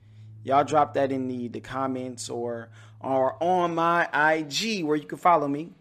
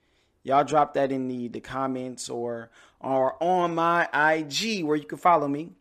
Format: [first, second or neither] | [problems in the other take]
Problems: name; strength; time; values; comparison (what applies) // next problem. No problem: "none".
second | background music; faint; throughout; 25 dB below the speech